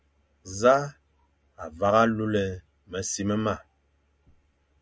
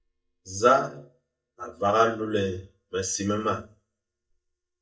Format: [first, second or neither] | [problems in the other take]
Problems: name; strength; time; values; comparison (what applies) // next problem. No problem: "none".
first | noise reduction (neural mask model DeepFilterNet 3)